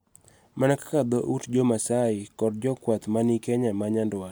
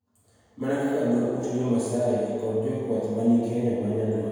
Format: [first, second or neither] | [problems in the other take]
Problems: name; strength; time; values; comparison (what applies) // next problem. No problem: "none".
first | room echo; dies away in 1.9 s